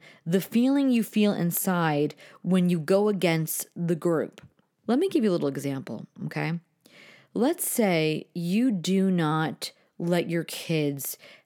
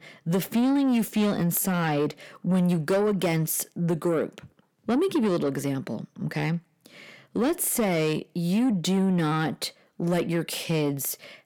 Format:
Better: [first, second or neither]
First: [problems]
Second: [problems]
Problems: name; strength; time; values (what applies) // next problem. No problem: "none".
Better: first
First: none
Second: distortion; slight; 10 dB below the speech